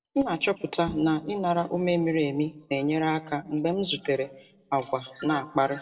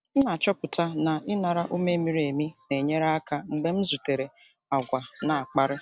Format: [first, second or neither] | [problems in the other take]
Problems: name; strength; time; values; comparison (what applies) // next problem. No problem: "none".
second | noise reduction (neural separator model SepFormer DNS4)